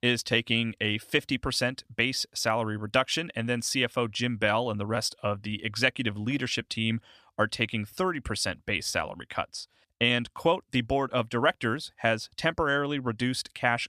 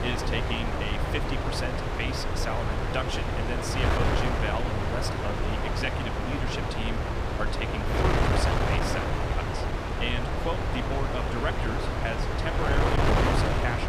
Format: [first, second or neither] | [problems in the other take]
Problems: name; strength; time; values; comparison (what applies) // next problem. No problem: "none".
first | wind noise on the microphone; heavy; 4 dB above the speech